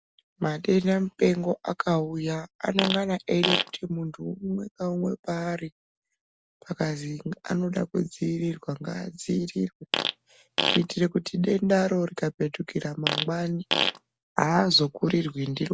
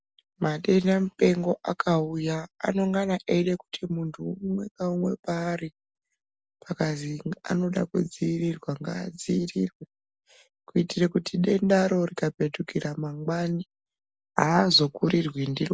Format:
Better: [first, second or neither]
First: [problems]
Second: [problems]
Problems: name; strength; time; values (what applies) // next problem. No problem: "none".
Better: second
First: background sound (Fart); 2 dB below the speech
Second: none